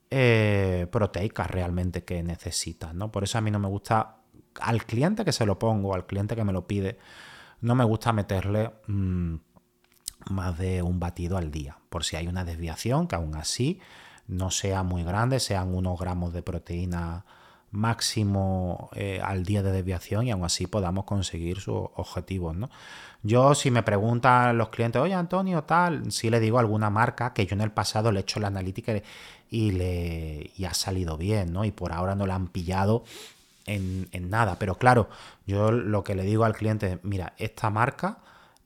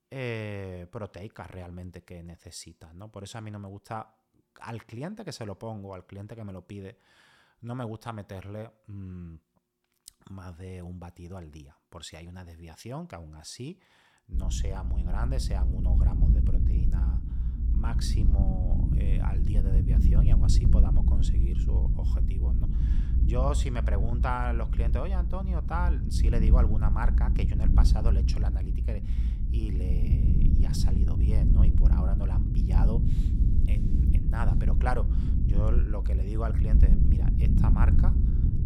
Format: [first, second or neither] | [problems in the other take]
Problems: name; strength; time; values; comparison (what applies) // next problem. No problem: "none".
first | low rumble; loud; from 14 s on; 2 dB below the speech